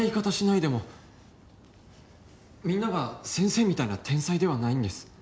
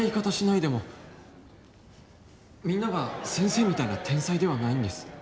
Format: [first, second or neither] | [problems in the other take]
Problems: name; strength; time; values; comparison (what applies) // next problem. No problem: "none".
first | background sound (Crowd); 13 dB below the speech